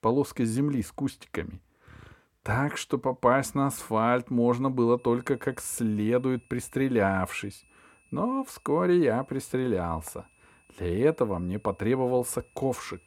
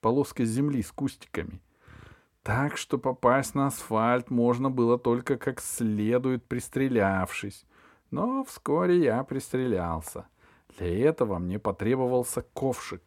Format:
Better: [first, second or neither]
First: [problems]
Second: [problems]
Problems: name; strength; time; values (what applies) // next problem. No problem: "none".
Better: second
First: high-pitched whine; faint; from 5 s on; 2.5 kHz, 35 dB below the speech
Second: none